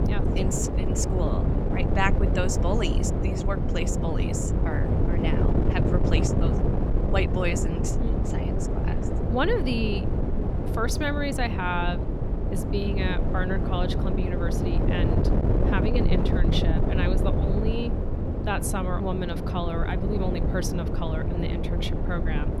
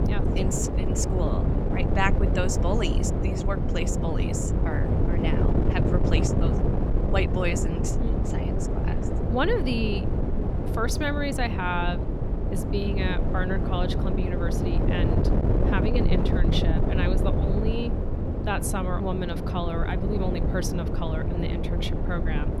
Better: neither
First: wind noise on the microphone; heavy; 2 dB below the speech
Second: wind noise on the microphone; heavy; 2 dB below the speech

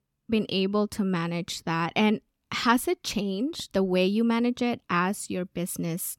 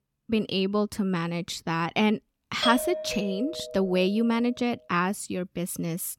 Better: first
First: none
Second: doorbell; noticeable; from 2.5 to 4 s; peak 1 dB below the speech

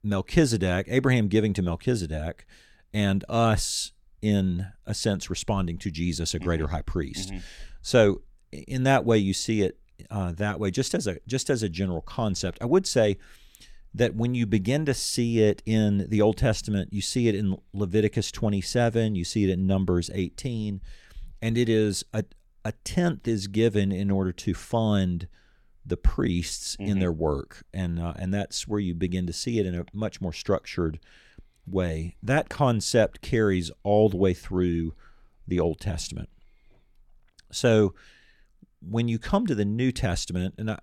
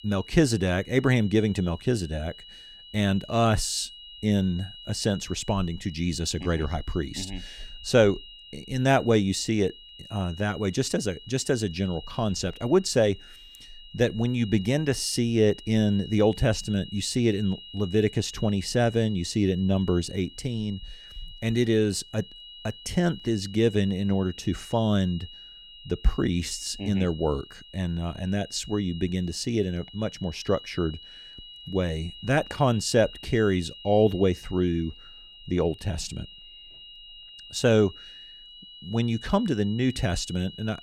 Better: first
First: none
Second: high-pitched whine; noticeable; throughout; 3 kHz, 15 dB below the speech

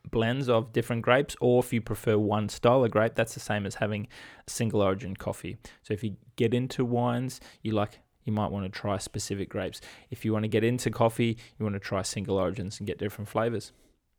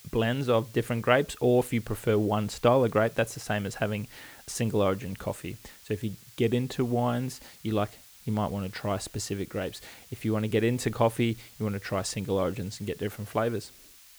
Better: first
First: none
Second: hiss; faint; throughout; 20 dB below the speech

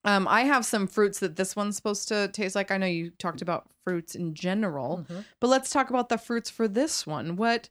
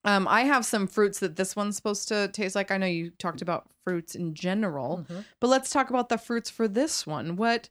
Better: neither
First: none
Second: none

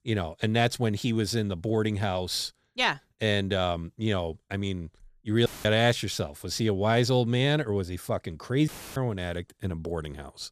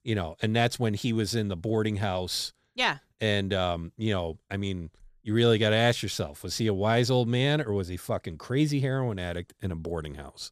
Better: second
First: audio cutting out; filled with static; at 5.5 s and at 8.5 s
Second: none

